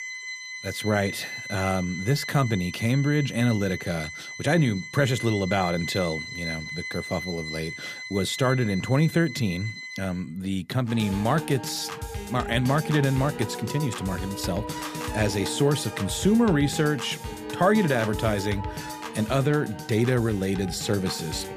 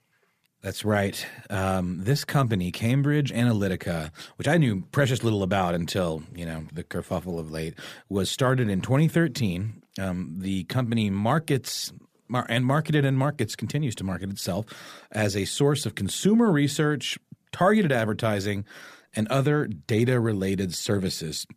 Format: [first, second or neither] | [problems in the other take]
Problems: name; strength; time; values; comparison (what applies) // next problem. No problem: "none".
second | background music; loud; throughout; 9 dB below the speech